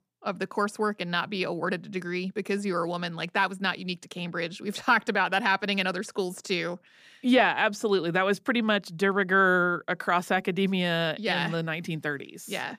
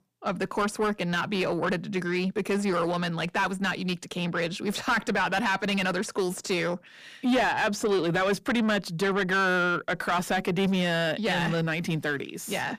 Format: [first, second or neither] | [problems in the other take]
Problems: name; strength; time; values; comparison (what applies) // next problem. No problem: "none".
first | distortion; heavy; 7 dB below the speech